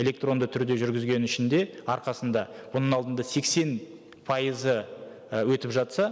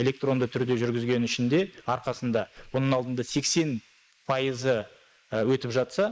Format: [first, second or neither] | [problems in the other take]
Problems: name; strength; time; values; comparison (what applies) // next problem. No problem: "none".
first | noise reduction (neural mask model Resemble Enhance denoiser)